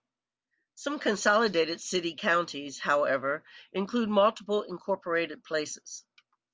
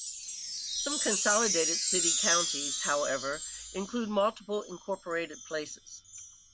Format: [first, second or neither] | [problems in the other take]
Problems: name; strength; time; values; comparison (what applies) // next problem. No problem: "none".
first | background sound (Chime); as loud as the speech